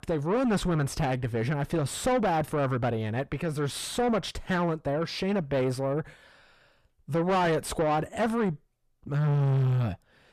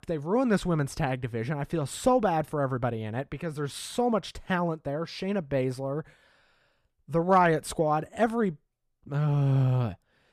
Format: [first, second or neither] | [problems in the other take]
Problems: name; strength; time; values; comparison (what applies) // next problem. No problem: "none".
second | distortion; heavy; 7 dB below the speech